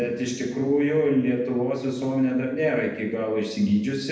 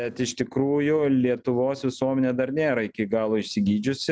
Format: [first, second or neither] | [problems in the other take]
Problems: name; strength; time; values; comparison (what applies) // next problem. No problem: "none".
second | room echo; dies away in 0.9 s